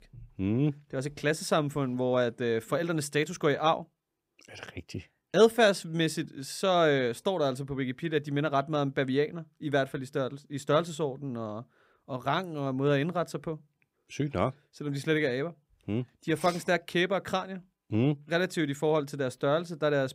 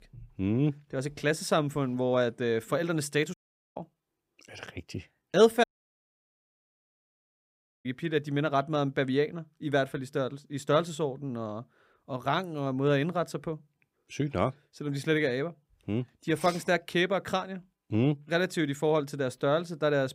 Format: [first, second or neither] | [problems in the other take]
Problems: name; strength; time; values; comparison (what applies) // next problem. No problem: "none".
first | audio cutting out; at 3.5 s and at 5.5 s for 2 s